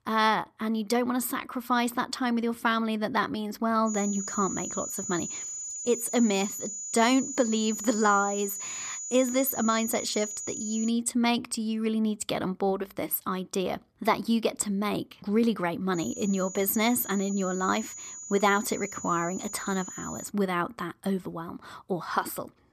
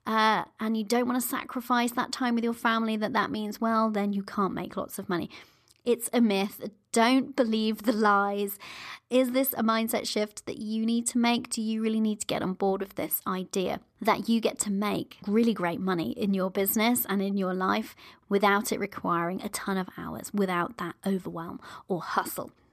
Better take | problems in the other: second | high-pitched whine; loud; from 4 to 11 s and from 16 to 20 s; 7 kHz, 7 dB below the speech

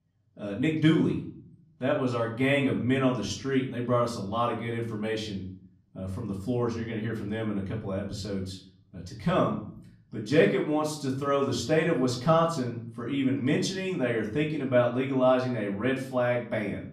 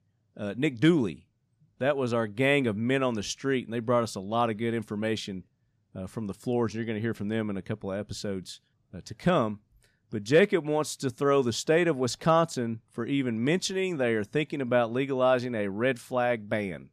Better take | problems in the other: second | off-mic speech; far // room echo; slight; dies away in 0.5 s

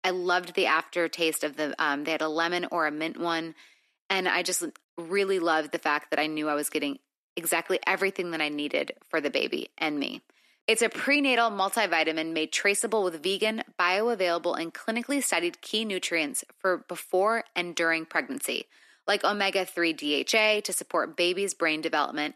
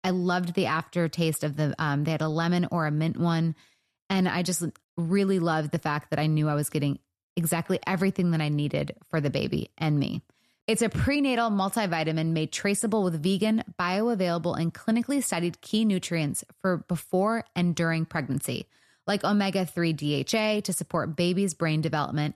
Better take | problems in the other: second | thin; somewhat; fading below 300 Hz

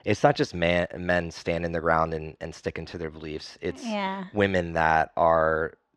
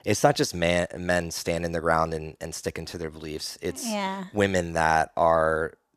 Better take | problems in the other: second | muffled; slightly; fading above 3 kHz

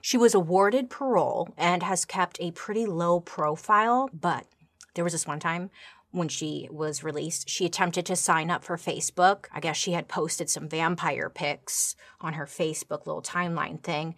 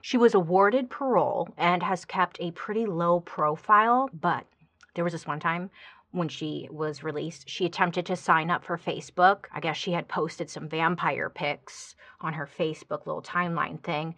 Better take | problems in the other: first | muffled; slightly; fading above 3.5 kHz

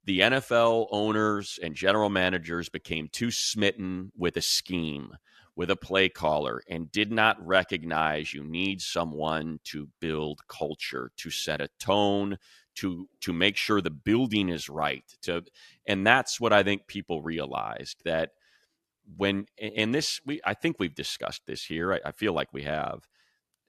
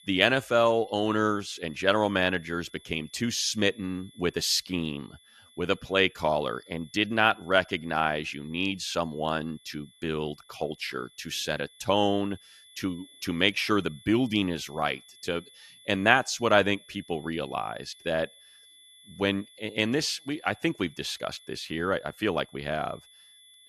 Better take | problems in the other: first | high-pitched whine; faint; throughout; 3.5 kHz, 25 dB below the speech

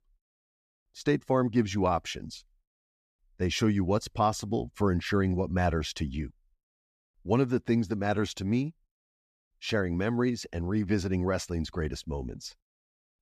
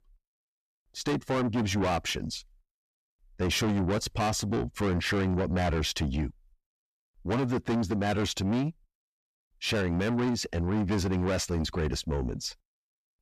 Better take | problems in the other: first | distortion; heavy; 6 dB below the speech

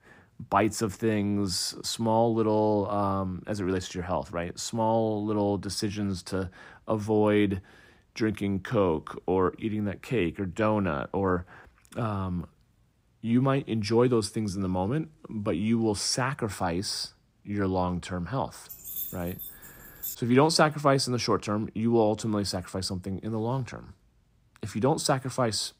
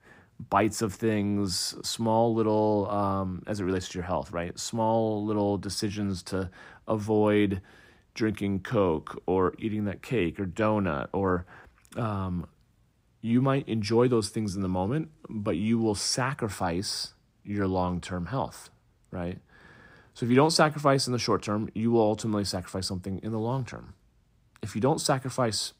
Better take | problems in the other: second | jangling keys; noticeable; from 19 to 20 s; peak 6 dB below the speech

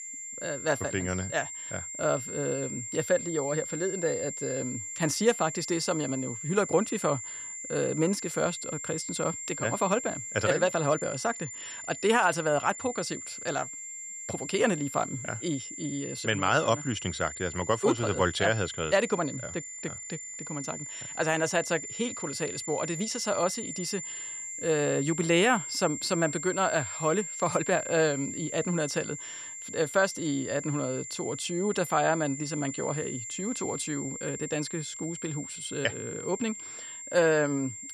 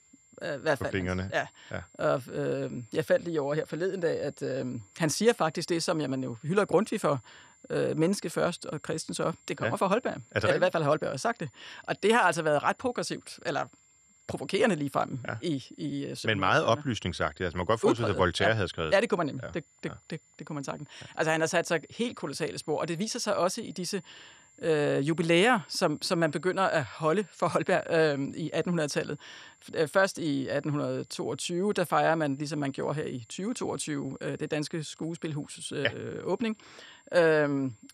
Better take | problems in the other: second | high-pitched whine; loud; throughout; 7.5 kHz, 7 dB below the speech; faint in the second

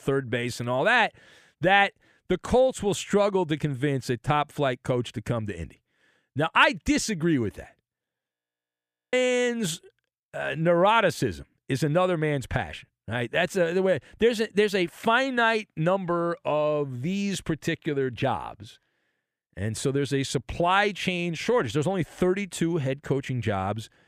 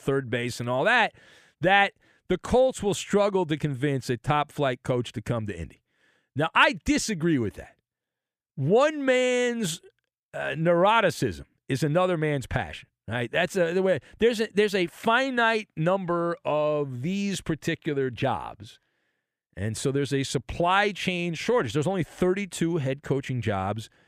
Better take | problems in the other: second | audio freezing; at 8.5 s for 1 s

